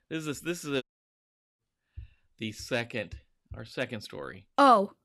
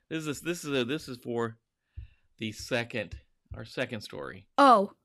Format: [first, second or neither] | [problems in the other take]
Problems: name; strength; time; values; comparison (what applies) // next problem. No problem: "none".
second | audio cutting out; at 1 s for 1 s